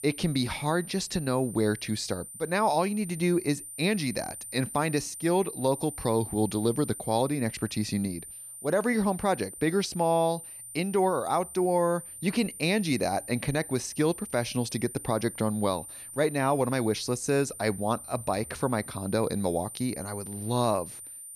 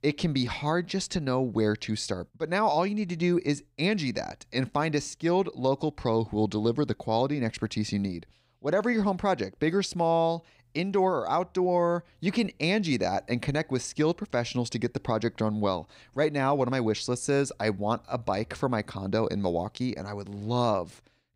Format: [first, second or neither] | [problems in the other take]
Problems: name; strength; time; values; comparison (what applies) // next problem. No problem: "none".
second | high-pitched whine; noticeable; throughout; 9 kHz, 10 dB below the speech